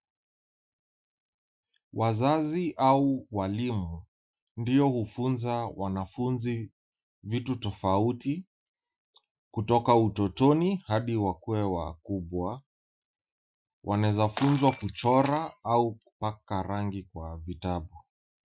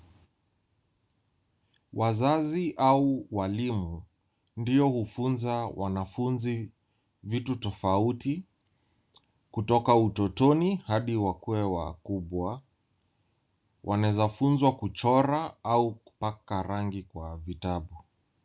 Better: second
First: noise reduction (classical method Wiener filter)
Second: none

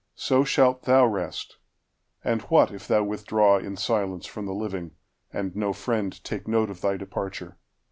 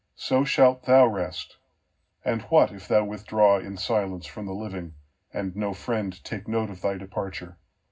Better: first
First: none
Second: room echo; dies away in 0.4 s

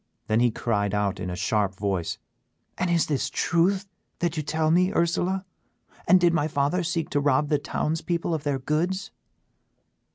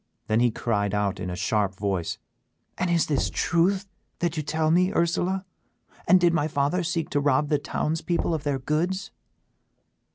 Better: first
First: none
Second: background sound (Knock); 11 dB below the speech

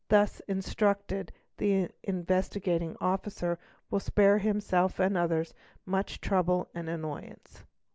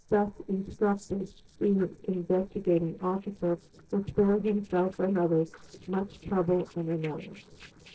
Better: first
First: none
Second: noise reduction (neural separator model SepFormer DNS4)

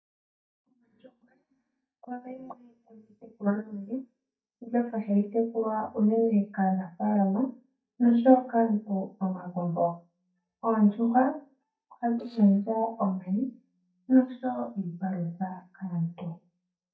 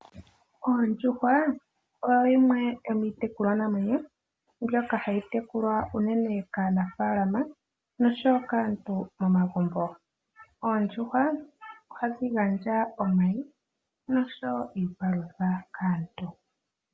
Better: second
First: noise reduction (neural mask model DeepFilterNet 3)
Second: none

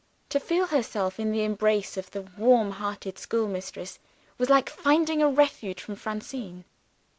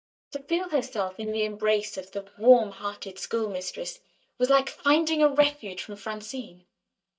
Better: first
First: none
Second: noise reduction (neural mask model DeepFilterNet 3)

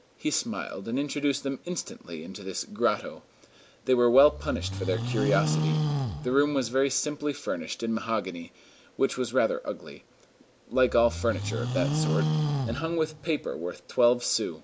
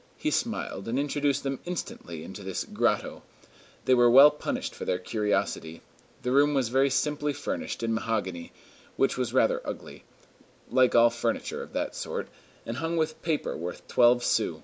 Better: second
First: background sound (Livestock, farm animals, working animals); 2 dB below the speech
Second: none

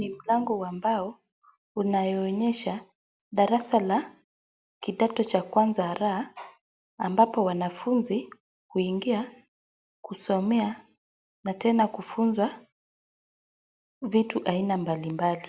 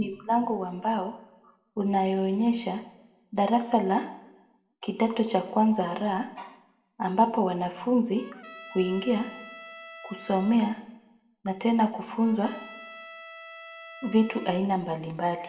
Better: first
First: none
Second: background sound (Trumpet); 18 dB below the speech // room echo; dies away in 0.7 s

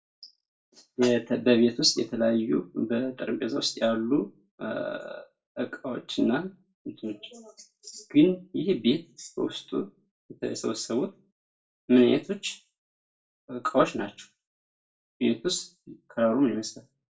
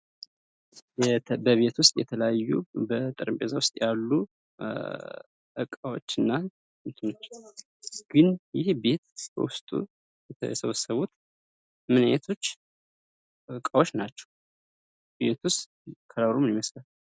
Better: second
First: room echo; dies away in 0.2 s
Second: none

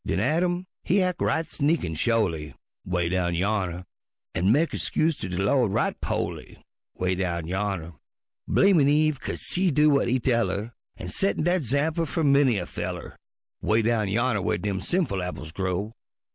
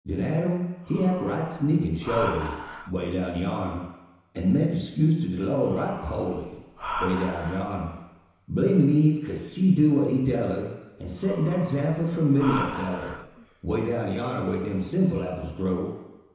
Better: first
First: none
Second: background sound (Breathing); 13 dB below the speech // room echo; dies away in 1 s

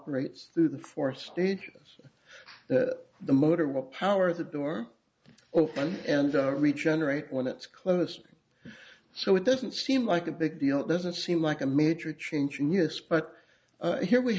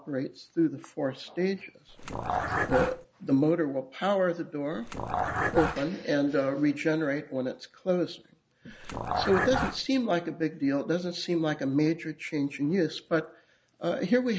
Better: first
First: none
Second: background sound (Dog); 2 dB below the speech

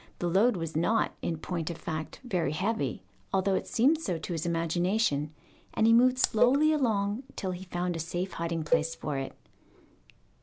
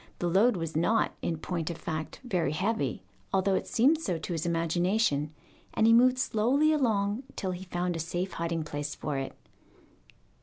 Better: second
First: background sound (Cowbell + Raindrop); 6 dB below the speech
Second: none

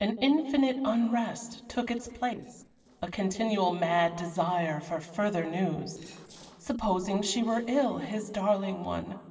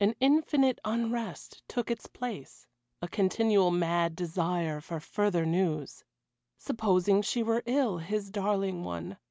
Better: second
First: noise reduction (neural separator model SepFormer DNS4)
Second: none

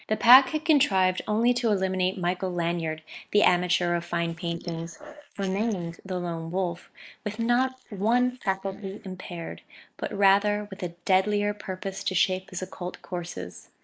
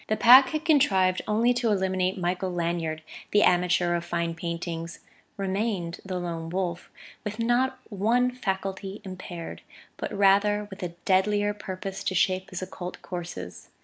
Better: second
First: noise reduction (neural mask model Resemble Enhance denoiser)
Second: none

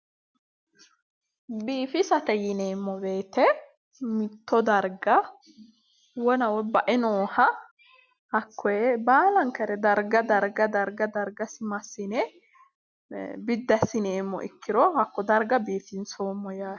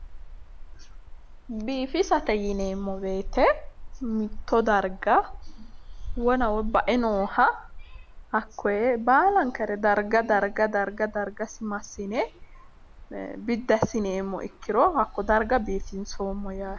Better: first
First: none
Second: background sound (Cricket); 11 dB below the speech

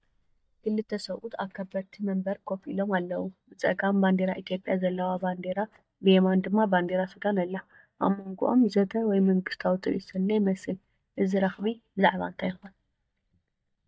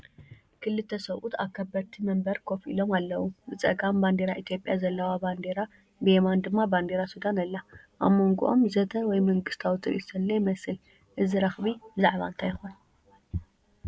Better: second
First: noise reduction (neural mask model DeepFilterNet 3)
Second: none

